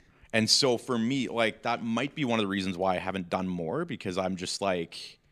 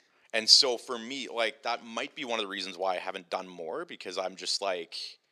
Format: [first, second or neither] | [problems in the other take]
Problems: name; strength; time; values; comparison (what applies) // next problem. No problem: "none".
first | thin; somewhat; fading below 500 Hz